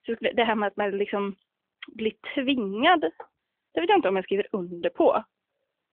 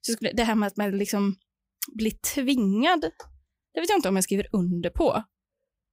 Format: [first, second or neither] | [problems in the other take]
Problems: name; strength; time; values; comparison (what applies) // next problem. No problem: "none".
second | phone-call audio; nothing above 3.5 kHz